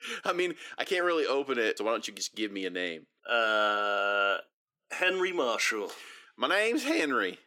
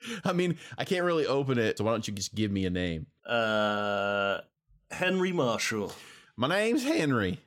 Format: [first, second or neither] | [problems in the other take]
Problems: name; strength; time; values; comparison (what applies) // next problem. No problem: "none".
second | thin; somewhat; fading below 300 Hz